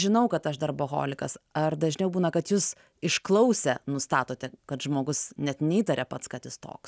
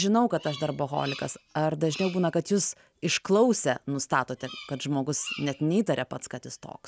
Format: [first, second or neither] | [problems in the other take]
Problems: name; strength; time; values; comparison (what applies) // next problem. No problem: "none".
first | background sound (Bird vocalization, bird call, bird song); 19 dB below the speech